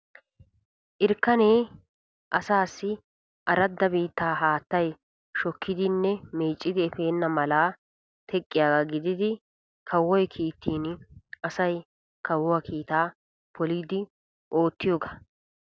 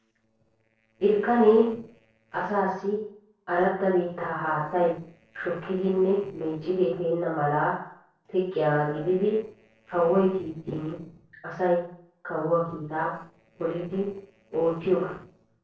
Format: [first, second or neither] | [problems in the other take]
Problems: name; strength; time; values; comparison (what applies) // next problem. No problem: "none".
first | noise reduction (neural separator model SepFormer DNS4)